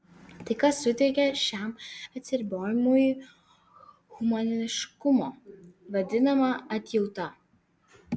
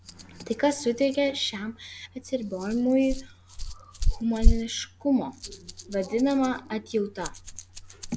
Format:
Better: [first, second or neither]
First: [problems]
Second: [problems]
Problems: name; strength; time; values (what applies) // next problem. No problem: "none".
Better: first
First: none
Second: background sound (Rattle); 1 dB below the speech